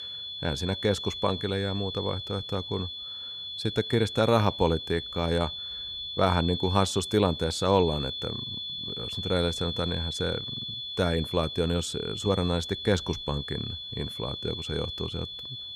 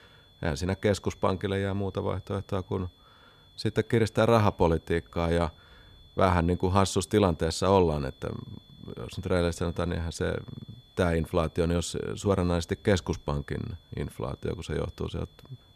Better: second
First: high-pitched whine; loud; throughout; 3.5 kHz, 5 dB below the speech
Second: high-pitched whine; faint; throughout; 3.5 kHz, 30 dB below the speech

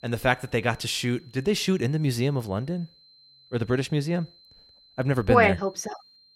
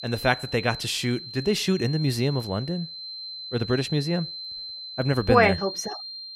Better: first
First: high-pitched whine; faint; throughout; 4 kHz, 30 dB below the speech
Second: high-pitched whine; loud; throughout; 4 kHz, 10 dB below the speech

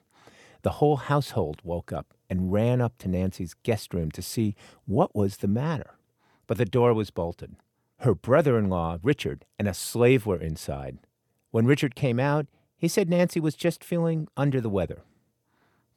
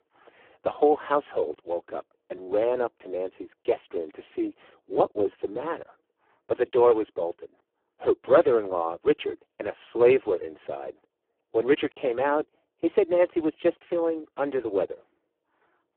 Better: first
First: none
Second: phone-call audio; poor line

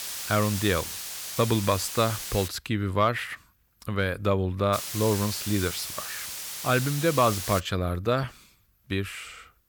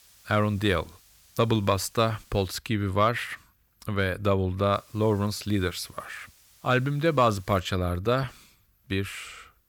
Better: second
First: hiss; loud; until 2.5 s and from 4.5 to 7.5 s; 6 dB below the speech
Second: hiss; faint; until 2.5 s and from 4.5 to 7.5 s; 30 dB below the speech

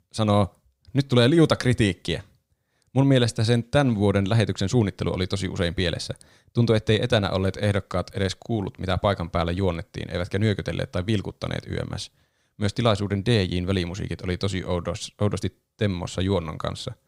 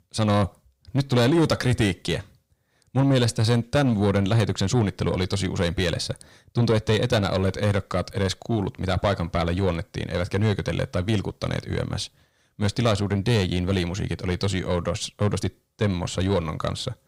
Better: first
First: none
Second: distortion; slight; 10 dB below the speech

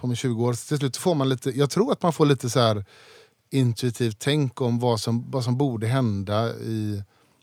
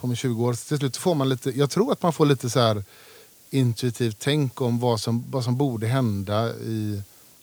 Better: first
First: none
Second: hiss; faint; throughout; 25 dB below the speech

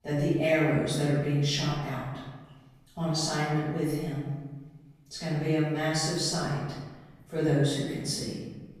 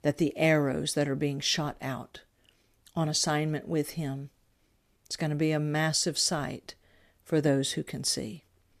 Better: second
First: off-mic speech; far // room echo; strong; dies away in 1.2 s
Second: none

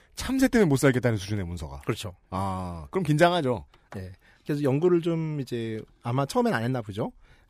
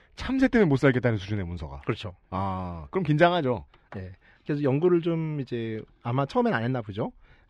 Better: first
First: none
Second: muffled; slightly; fading above 3 kHz

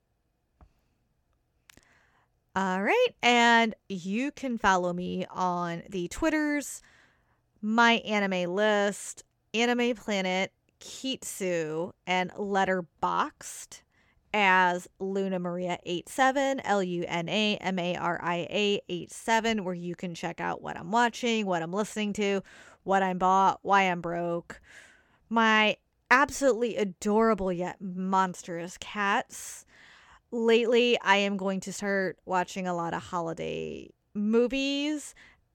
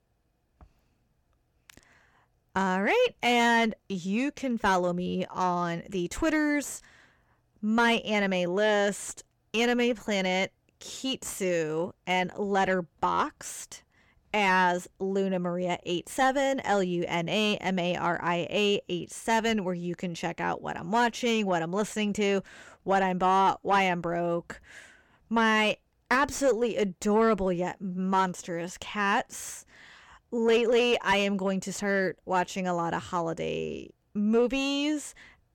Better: first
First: none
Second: distortion; slight; 10 dB below the speech

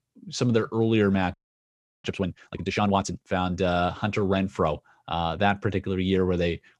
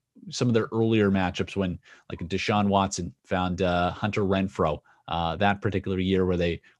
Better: second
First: audio freezing; at 1.5 s for 0.5 s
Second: none

